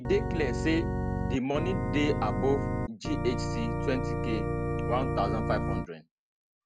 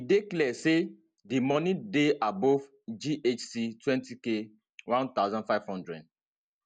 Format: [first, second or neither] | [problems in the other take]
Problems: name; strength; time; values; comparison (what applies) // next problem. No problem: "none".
second | background sound (Organ); 1 dB above the speech